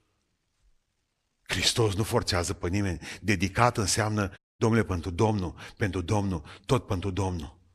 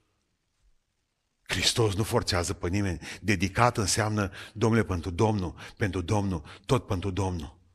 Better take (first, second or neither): second